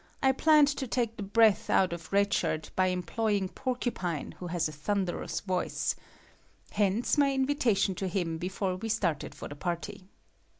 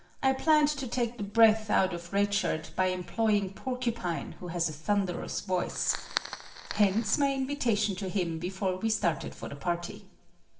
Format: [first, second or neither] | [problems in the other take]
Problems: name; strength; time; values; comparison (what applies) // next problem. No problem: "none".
first | background sound (Fire); 10 dB below the speech // room echo; dies away in 0.6 s